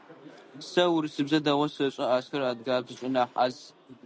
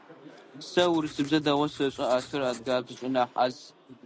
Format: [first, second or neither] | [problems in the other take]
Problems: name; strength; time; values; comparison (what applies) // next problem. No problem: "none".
first | background sound (Writing); 19 dB below the speech